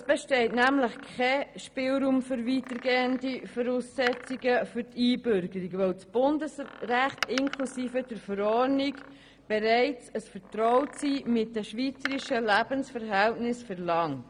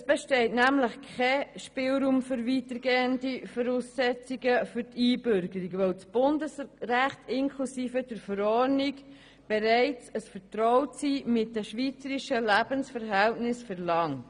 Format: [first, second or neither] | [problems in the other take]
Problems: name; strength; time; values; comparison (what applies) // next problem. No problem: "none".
second | background sound (Door); 17 dB below the speech